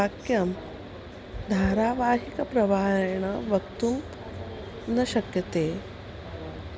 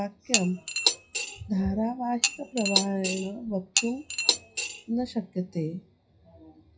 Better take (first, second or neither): first